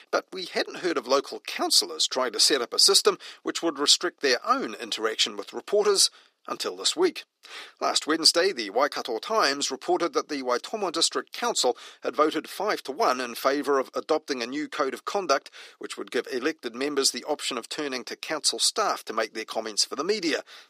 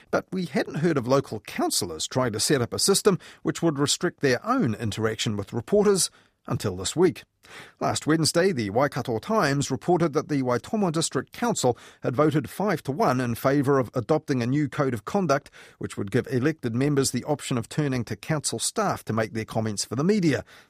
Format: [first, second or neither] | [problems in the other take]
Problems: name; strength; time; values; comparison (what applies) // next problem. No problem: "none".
second | thin; somewhat; fading below 300 Hz